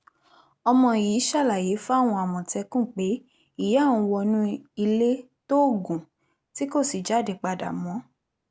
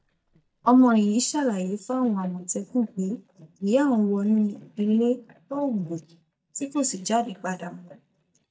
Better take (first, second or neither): first